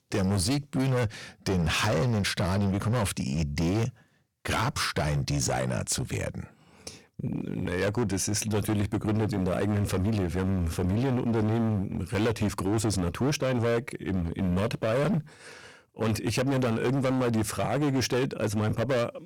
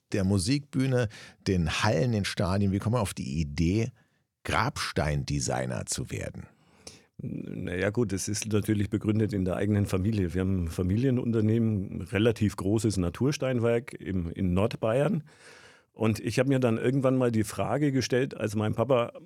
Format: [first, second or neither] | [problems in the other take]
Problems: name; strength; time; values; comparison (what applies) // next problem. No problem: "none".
second | distortion; heavy; 21% of the sound clipped